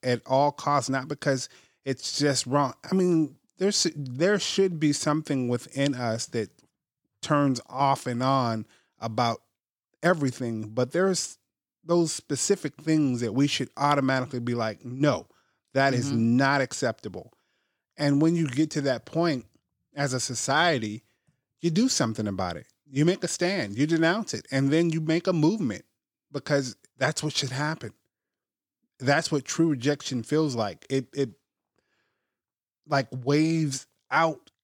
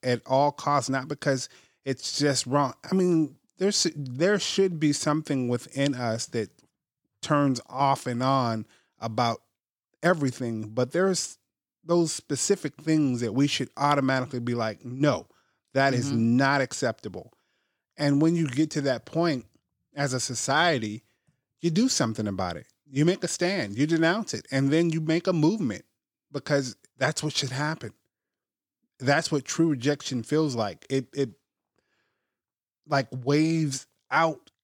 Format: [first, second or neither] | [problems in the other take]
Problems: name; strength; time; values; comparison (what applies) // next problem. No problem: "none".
neither | none